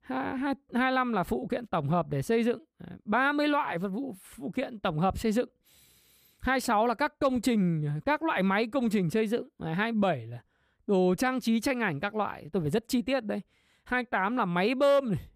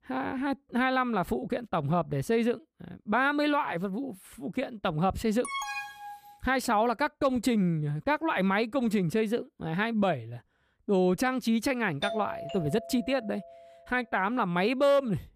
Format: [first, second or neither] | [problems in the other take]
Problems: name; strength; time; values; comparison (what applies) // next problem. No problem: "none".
first | alarm; noticeable; at 5.5 s; peak 5 dB below the speech // doorbell; noticeable; from 12 to 14 s; peak 6 dB below the speech